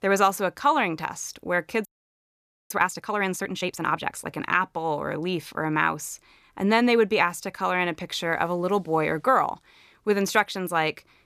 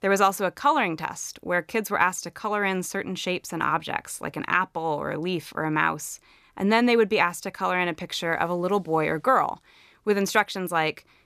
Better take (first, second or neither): second